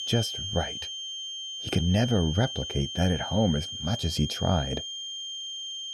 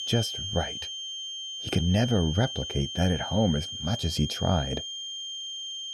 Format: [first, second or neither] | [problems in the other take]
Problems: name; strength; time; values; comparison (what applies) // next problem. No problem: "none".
neither | high-pitched whine; loud; throughout; 3 kHz, 5 dB below the speech; the same in both